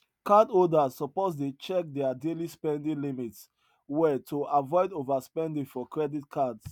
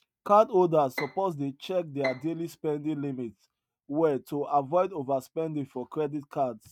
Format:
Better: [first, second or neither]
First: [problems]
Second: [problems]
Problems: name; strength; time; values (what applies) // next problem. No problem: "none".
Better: first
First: none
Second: noise reduction (neural mask model RNNoise)